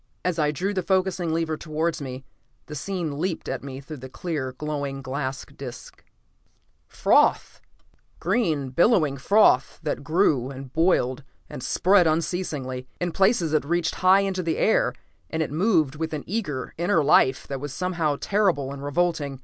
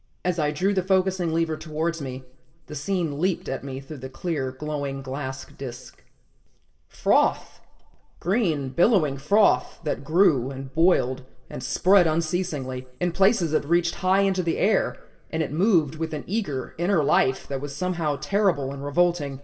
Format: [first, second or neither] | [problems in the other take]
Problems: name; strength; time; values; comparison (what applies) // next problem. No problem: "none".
first | room echo; dies away in 0.7 s